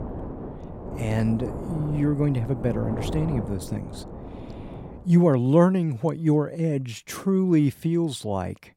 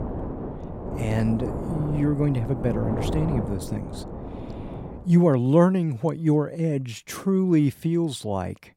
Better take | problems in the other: first | wind noise on the microphone; heavy; until 5 s; 8 dB below the speech; occasional gusts in the first

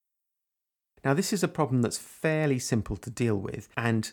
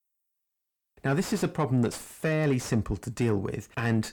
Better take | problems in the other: first | distortion; slight; 10 dB below the speech

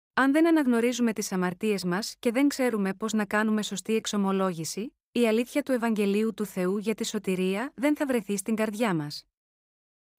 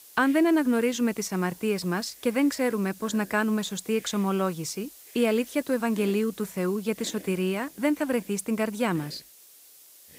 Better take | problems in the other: first | hiss; noticeable; throughout; 20 dB below the speech

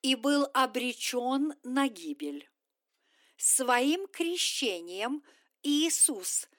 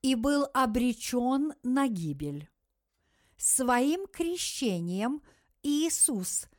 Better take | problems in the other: second | thin; very slightly; fading below 300 Hz

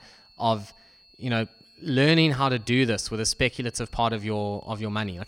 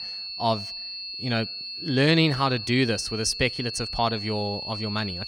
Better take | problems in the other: first | high-pitched whine; loud; throughout; 4.5 kHz, 7 dB below the speech; faint in the first

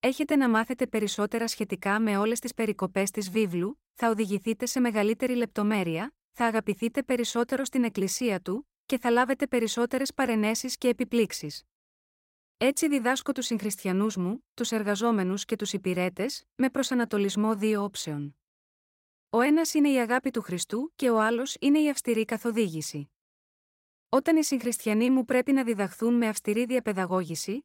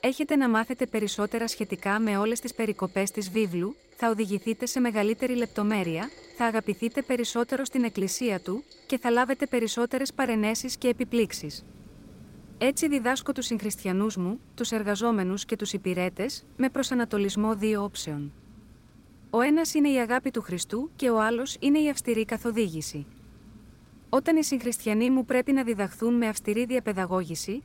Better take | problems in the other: first | rain or running water; faint; throughout; 25 dB below the speech

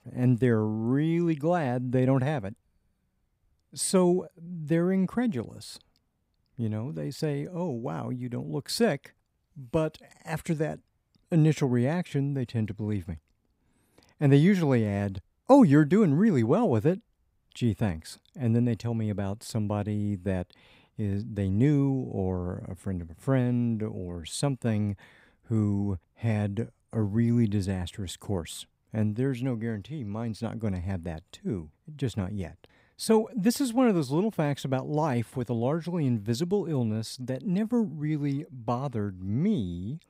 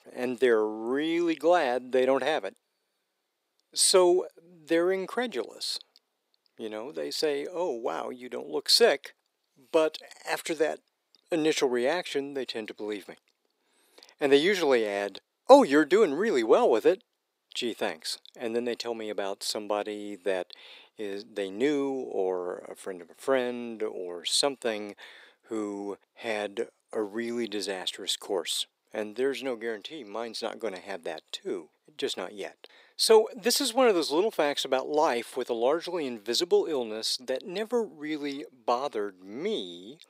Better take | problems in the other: first | thin; very; fading below 400 Hz

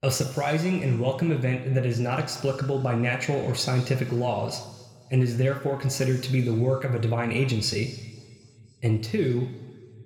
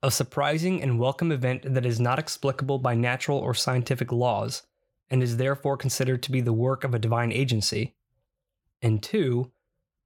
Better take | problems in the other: second | room echo; slight; dies away in 1.7 s

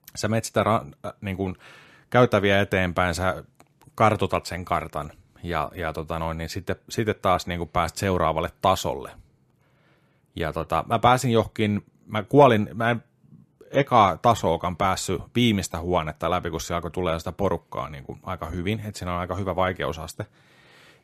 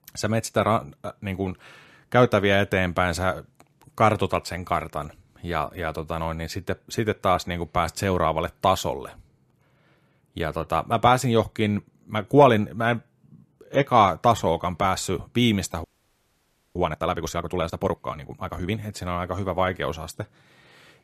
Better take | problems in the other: first | audio freezing; at 16 s for 1 s

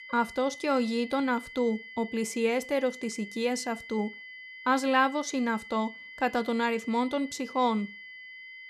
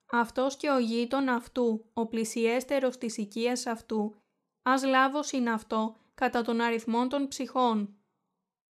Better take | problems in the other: second | high-pitched whine; noticeable; throughout; 2 kHz, 15 dB below the speech

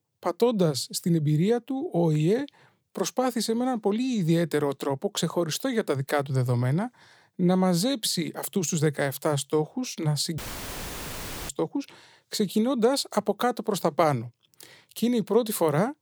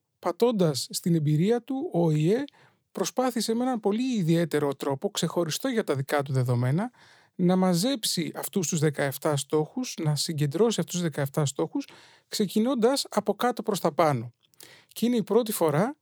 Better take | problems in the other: second | audio cutting out; filled with static; at 10 s for 1 s

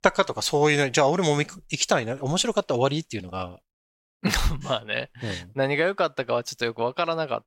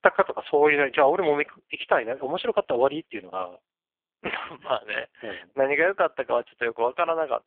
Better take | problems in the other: first | phone-call audio; poor line

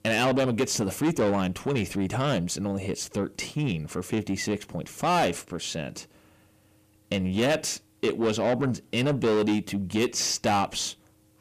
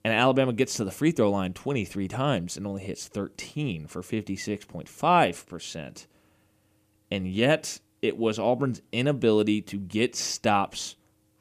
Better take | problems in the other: second | distortion; heavy; 7 dB below the speech

